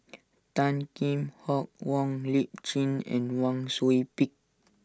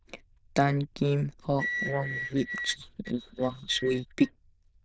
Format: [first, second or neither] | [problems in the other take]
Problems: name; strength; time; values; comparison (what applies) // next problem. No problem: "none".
first | noise reduction (neural diffusion model UNIVERSE++)